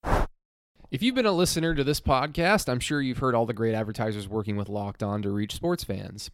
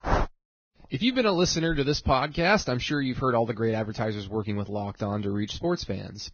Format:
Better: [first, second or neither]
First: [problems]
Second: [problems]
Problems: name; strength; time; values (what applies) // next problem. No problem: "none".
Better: first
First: none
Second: garbled, watery; badly; nothing above 6.5 kHz